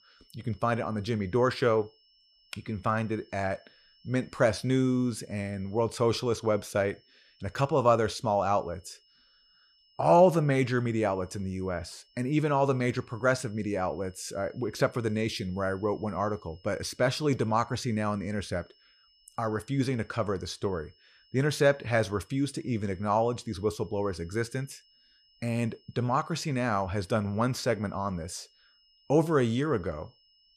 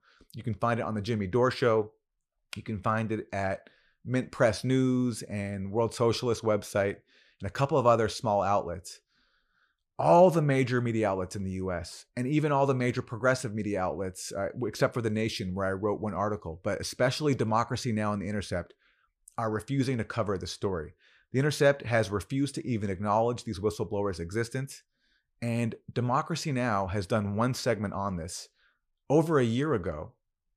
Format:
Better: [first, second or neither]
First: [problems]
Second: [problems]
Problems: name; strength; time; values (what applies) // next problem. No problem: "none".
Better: second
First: high-pitched whine; faint; throughout; 5 kHz, 30 dB below the speech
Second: none